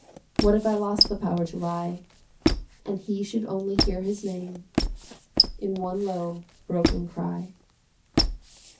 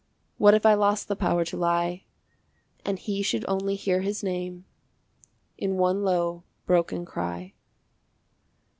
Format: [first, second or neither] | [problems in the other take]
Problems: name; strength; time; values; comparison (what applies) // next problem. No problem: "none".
second | background sound (Squeak); as loud as the speech // room echo; dies away in 0.3 s